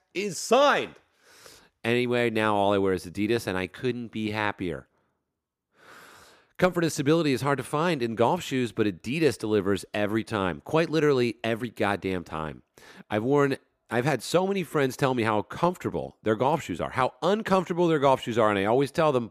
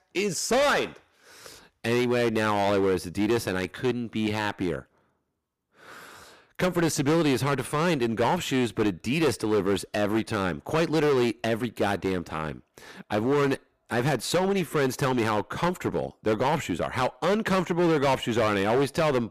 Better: first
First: none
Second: distortion; heavy; 11% of the sound clipped

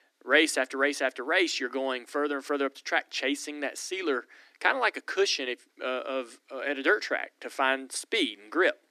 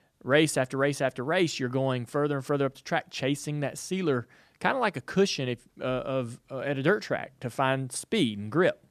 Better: second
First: thin; somewhat; fading below 250 Hz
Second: none

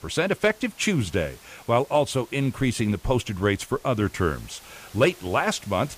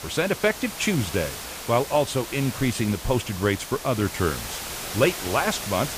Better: first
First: hiss; faint; throughout; 25 dB below the speech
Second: hiss; loud; throughout; 8 dB below the speech

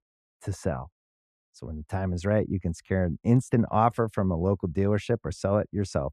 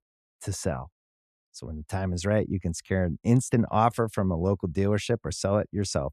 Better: second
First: muffled; slightly; fading above 2.5 kHz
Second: none

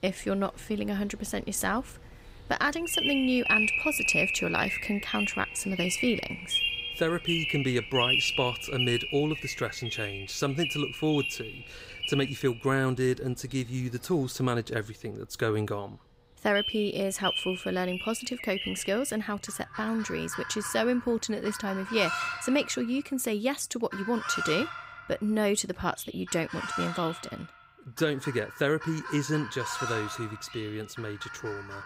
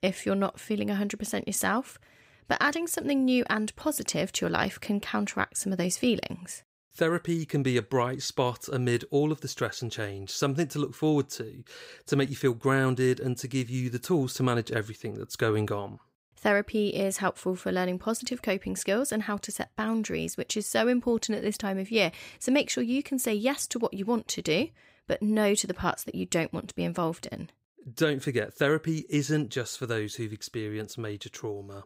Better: second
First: animal sounds; loud; throughout; 1 dB below the speech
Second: none

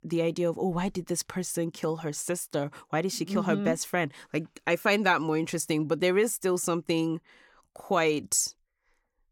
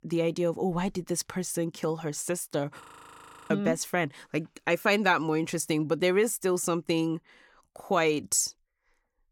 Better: first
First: none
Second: audio freezing; at 3 s for 0.5 s

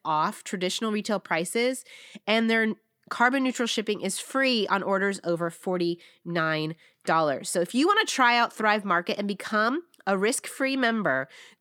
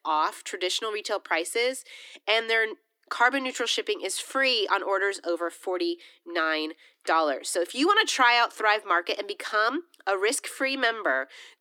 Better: first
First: none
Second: thin; somewhat; fading below 300 Hz

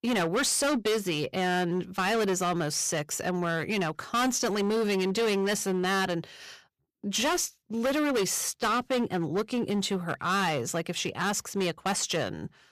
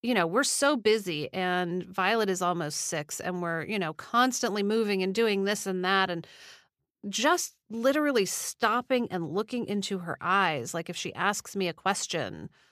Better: second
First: distortion; heavy; 17% of the sound clipped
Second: none

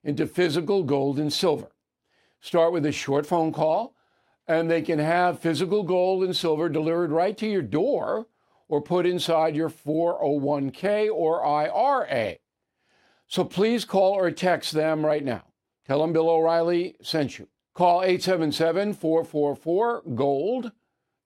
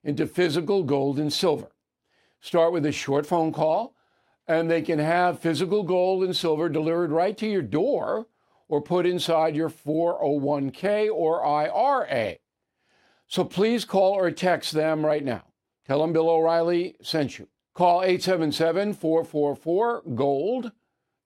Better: neither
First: none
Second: none

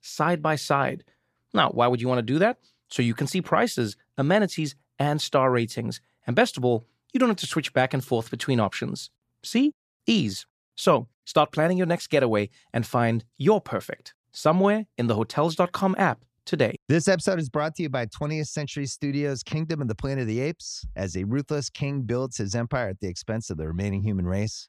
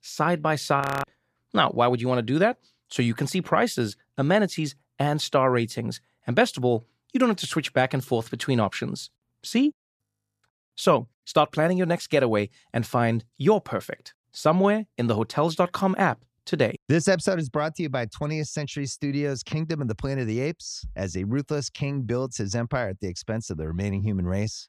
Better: first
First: none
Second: audio freezing; at 1 s and at 10 s

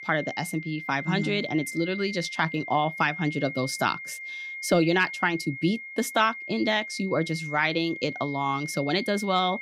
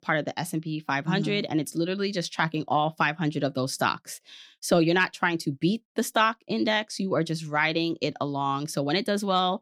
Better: second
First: high-pitched whine; loud; throughout; 2 kHz, 9 dB below the speech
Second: none

